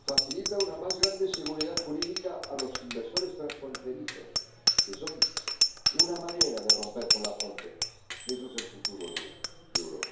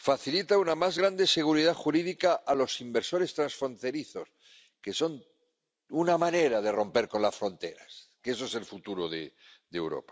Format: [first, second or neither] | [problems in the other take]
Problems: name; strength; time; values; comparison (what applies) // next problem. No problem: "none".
second | background sound (Bicycle bell); 5 dB above the speech // room echo; dies away in 2.4 s